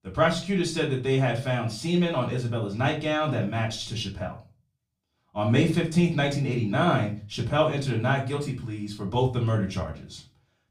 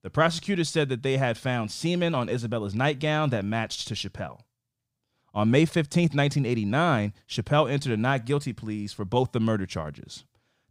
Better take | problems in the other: second | off-mic speech; far // room echo; very slight; dies away in 0.3 s

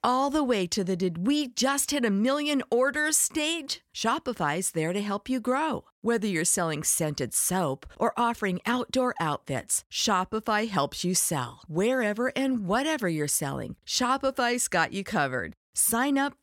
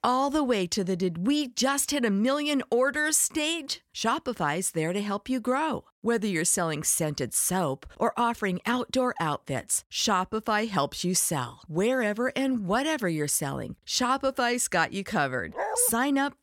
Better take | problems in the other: first | dog barking; noticeable; at 16 s; peak 5 dB below the speech

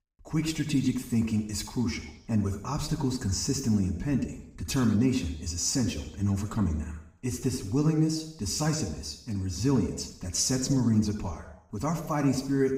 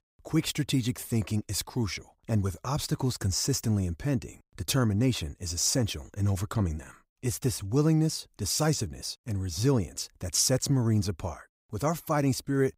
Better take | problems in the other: second | room echo; noticeable; dies away in 0.8 s // off-mic speech; far

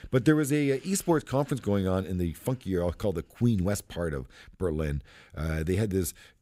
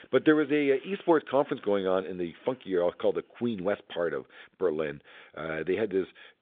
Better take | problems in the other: first | phone-call audio; nothing above 3.5 kHz

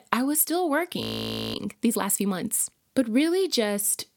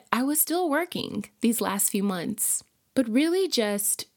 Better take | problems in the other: second | audio freezing; at 1 s for 0.5 s

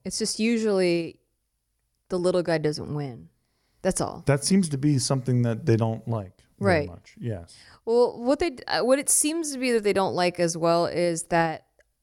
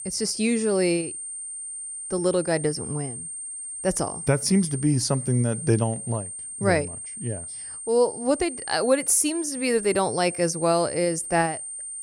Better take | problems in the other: first | high-pitched whine; loud; throughout; 8.5 kHz, 8 dB below the speech

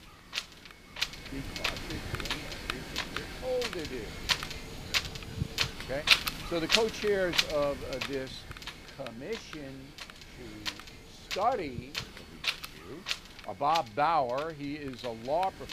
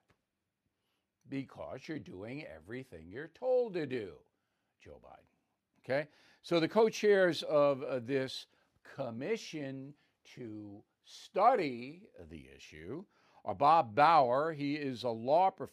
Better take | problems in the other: second | wind noise on the microphone; heavy; 1 dB below the speech

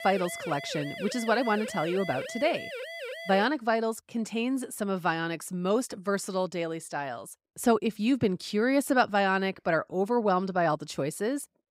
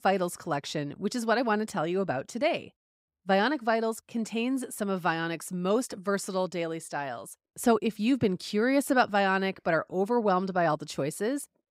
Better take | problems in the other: second | siren; noticeable; until 3.5 s; peak 9 dB below the speech

